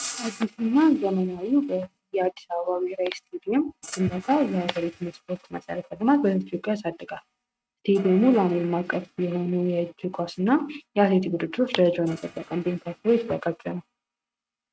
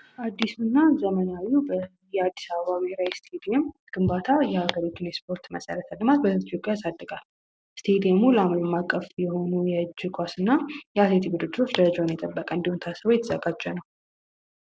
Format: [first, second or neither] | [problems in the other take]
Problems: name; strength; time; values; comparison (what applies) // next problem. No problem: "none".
second | noise reduction (neural mask model RNNoise)